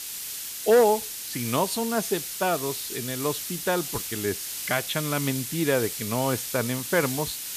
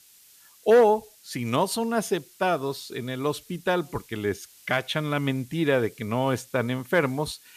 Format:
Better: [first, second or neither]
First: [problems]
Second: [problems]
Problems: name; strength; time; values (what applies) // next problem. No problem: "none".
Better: second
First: hiss; loud; throughout; 4 dB below the speech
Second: hiss; faint; throughout; 25 dB below the speech